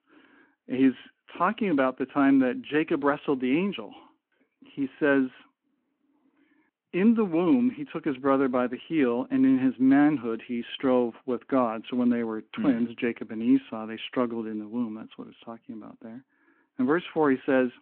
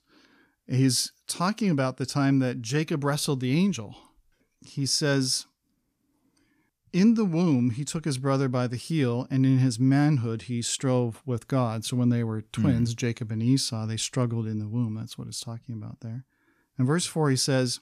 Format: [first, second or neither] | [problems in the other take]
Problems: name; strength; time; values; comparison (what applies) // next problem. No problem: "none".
second | phone-call audio; nothing above 8 kHz